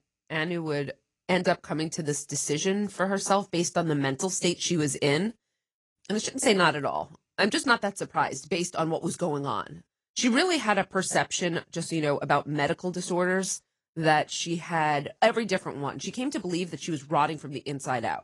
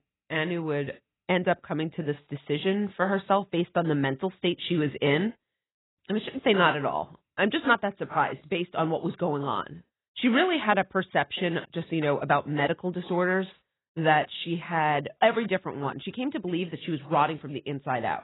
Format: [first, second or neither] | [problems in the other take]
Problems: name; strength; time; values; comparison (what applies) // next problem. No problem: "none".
first | garbled, watery; badly; nothing above 4 kHz; slightly in the first